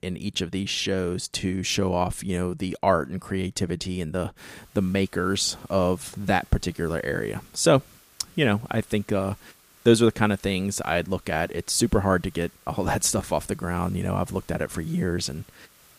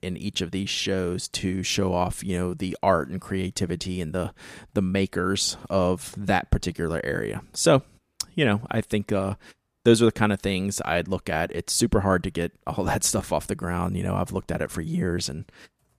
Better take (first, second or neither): second